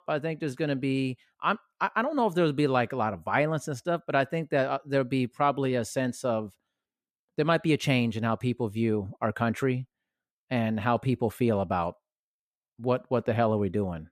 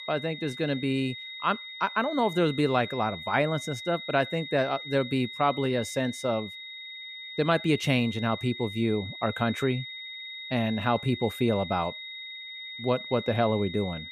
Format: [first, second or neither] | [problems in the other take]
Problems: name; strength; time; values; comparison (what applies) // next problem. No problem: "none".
first | high-pitched whine; loud; throughout; 3.5 kHz, 10 dB below the speech